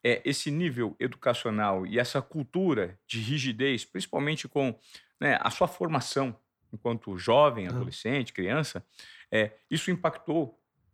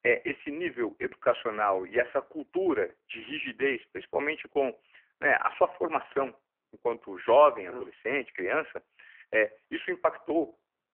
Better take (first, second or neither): first